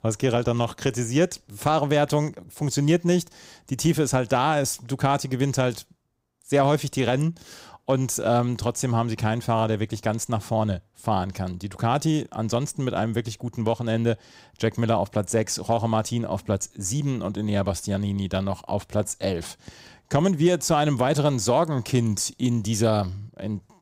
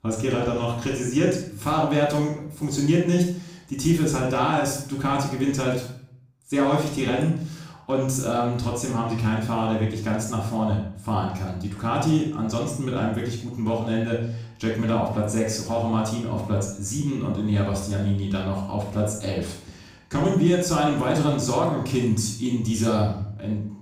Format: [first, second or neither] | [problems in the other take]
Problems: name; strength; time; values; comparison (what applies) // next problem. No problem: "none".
first | off-mic speech; far // room echo; noticeable; dies away in 0.5 s